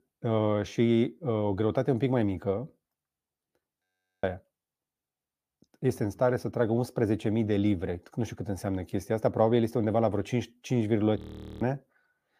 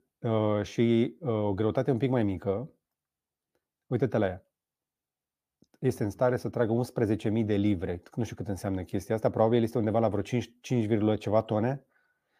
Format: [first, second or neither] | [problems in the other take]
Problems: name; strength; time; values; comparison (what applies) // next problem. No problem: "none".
second | audio freezing; at 4 s and at 11 s